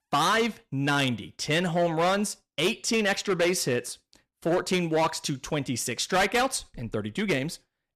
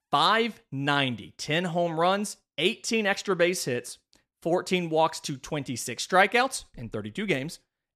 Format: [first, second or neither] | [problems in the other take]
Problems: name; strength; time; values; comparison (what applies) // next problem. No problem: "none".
second | distortion; heavy; 8% of the sound clipped